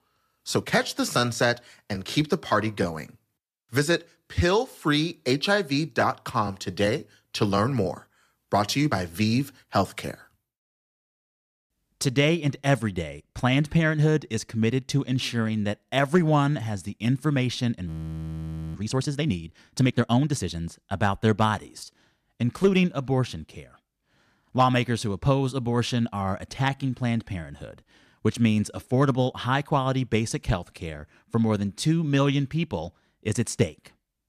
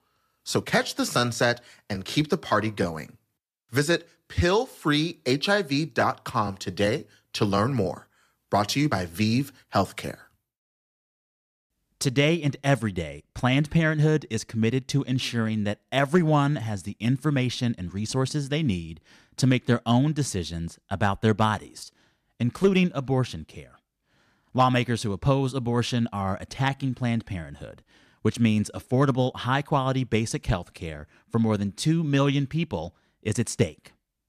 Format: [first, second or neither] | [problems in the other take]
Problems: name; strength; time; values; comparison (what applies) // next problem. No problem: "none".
second | audio freezing; at 18 s for 1 s